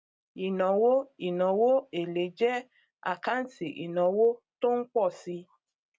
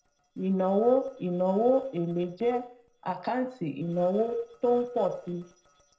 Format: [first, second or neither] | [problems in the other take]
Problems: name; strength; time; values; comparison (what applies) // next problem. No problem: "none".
first | noise reduction (neural separator model SepFormer DNS4)